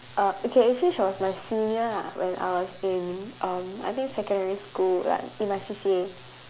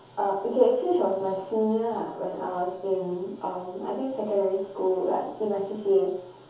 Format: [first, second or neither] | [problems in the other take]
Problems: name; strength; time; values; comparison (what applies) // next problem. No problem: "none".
first | room echo; dies away in 0.6 s